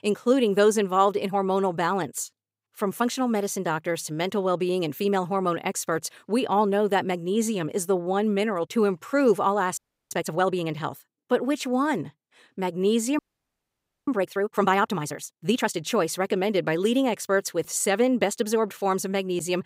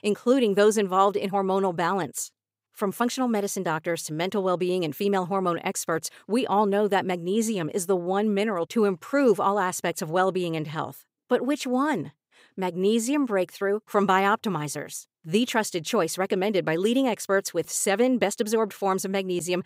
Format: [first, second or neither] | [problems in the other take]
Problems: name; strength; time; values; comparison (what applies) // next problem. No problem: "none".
second | audio freezing; at 10 s and at 13 s for 1 s